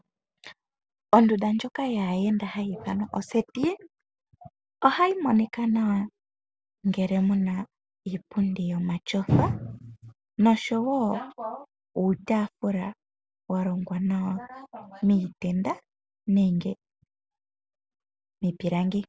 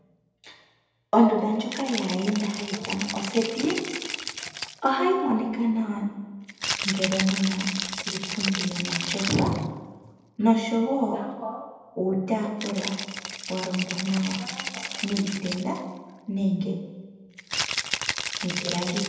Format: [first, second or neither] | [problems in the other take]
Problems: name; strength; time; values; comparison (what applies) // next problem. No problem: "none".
first | background sound (Rattle (instrument)); 7 dB below the speech // room echo; dies away in 0.9 s